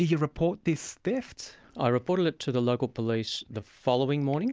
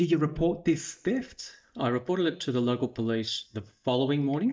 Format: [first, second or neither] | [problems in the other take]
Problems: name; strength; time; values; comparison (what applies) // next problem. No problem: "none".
first | noise reduction (neural mask model DeepFilterNet 3)